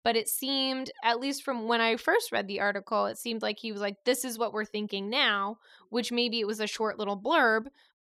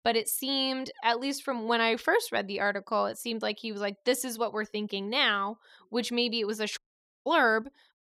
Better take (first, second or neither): first